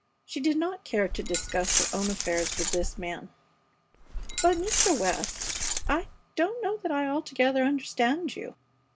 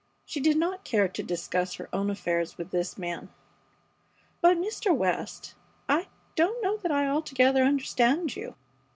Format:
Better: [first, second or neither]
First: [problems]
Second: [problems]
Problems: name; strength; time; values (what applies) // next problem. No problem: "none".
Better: second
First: background sound (Glass); 2 dB below the speech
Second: none